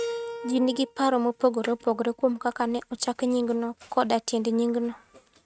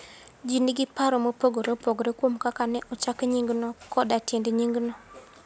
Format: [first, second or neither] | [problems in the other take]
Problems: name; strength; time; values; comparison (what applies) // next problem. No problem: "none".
second | noise reduction (neural mask model RNNoise)